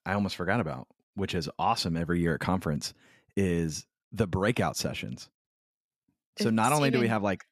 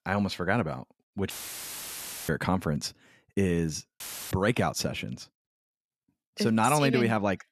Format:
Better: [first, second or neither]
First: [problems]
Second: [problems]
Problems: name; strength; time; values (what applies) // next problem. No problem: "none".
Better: first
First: none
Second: audio cutting out; filled with static; at 1.5 s for 1 s and at 4 s